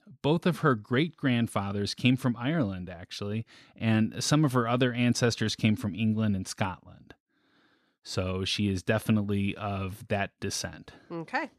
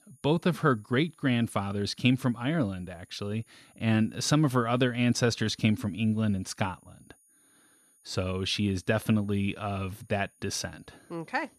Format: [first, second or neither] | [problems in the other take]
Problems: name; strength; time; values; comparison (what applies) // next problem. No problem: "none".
first | high-pitched whine; faint; throughout; 9.5 kHz, 35 dB below the speech